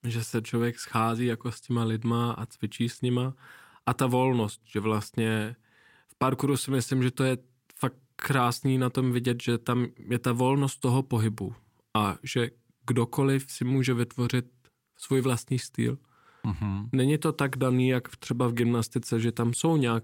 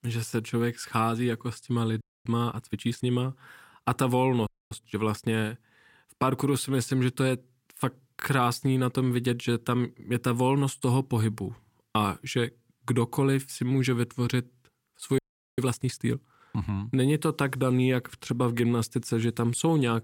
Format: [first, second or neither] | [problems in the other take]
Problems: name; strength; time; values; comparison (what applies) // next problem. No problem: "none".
first | audio freezing; at 2 s, at 4.5 s and at 15 s